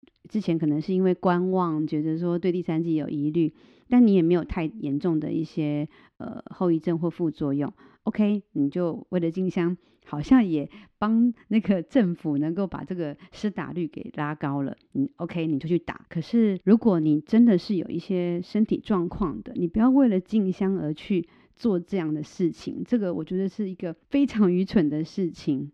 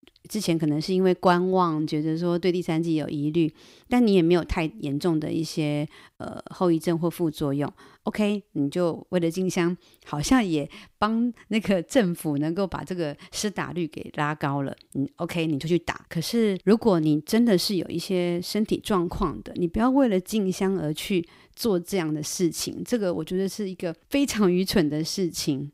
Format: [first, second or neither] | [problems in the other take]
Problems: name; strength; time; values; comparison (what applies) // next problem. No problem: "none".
second | muffled; slightly; fading above 3 kHz